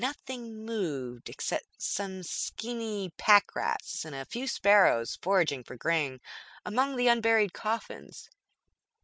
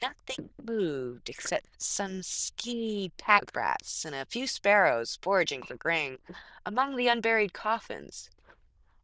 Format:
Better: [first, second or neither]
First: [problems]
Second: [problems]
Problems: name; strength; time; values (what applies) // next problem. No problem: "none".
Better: first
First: none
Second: noise reduction (neural diffusion model UNIVERSE++)